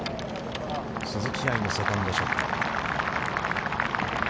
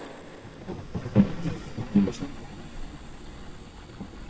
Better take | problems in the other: first | noise reduction (neural mask model DeepFilterNet 3)

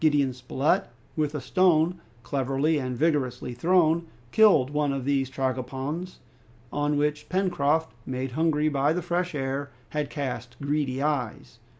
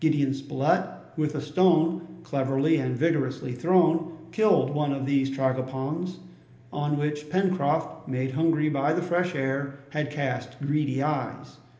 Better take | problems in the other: first | room echo; dies away in 0.8 s

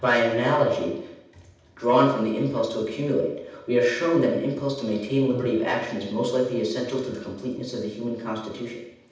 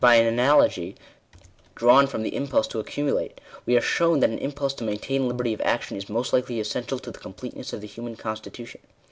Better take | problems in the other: second | room echo; dies away in 0.8 s

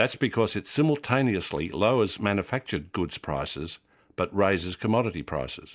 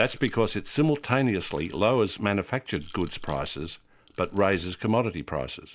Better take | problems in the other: first | background sound (Rattle / Rattle (instrument)); 17 dB below the speech

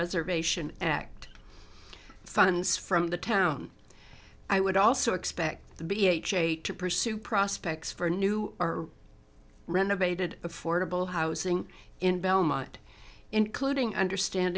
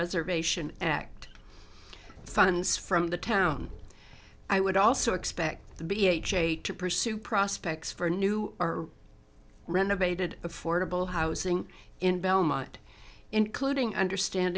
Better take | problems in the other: first | background sound (Subway, metro, underground); 14 dB below the speech

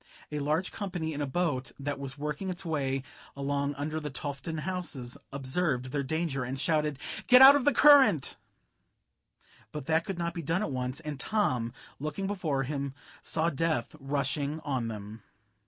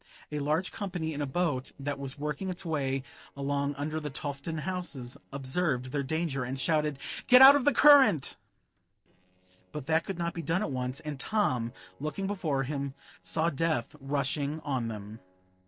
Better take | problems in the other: first | noise reduction (neural separator model SepFormer DNS4)

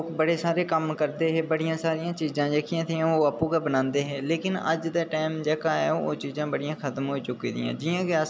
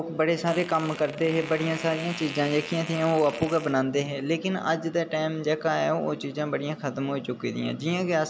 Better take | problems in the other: first | background sound (Fart); 13 dB below the speech

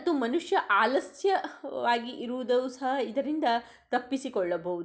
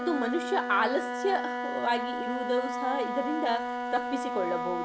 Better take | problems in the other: first | background sound (Wind instrument, woodwind instrument); 2 dB below the speech

